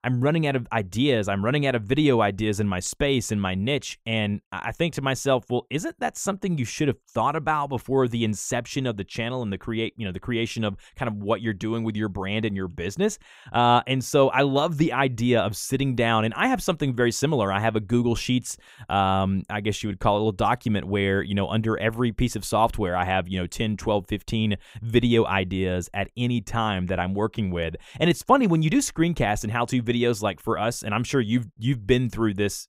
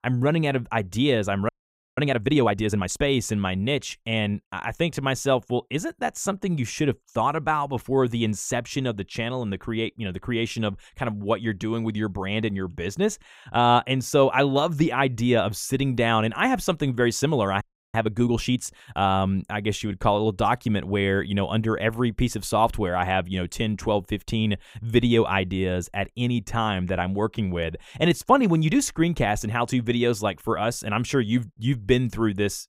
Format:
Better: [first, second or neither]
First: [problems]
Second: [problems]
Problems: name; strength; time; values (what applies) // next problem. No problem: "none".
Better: first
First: none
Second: audio freezing; at 1.5 s and at 18 s